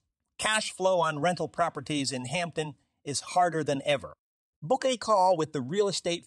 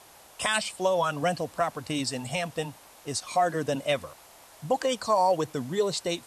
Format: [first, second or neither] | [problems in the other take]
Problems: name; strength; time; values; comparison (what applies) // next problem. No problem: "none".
first | hiss; faint; throughout; 25 dB below the speech